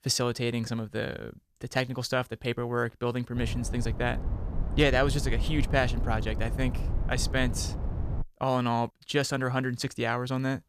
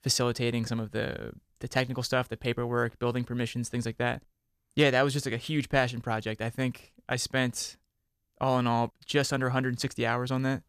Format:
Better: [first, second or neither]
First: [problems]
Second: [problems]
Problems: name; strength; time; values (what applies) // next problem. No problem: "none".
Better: second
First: low rumble; noticeable; from 3.5 to 8 s; 15 dB below the speech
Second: none